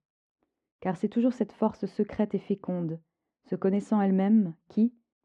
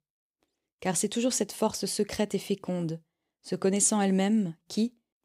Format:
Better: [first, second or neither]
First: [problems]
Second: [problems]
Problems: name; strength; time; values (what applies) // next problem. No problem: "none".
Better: second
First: muffled; very; fading above 1.5 kHz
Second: none